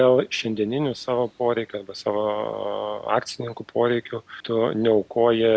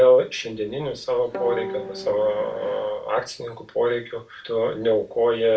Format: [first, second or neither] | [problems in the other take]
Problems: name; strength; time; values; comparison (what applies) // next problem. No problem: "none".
first | background sound (Guitar); 11 dB below the speech // room echo; dies away in 0.3 s